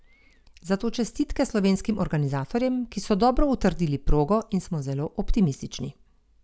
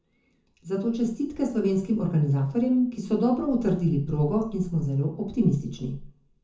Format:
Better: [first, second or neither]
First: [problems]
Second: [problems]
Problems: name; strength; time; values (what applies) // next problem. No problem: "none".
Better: first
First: none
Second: room echo; dies away in 0.6 s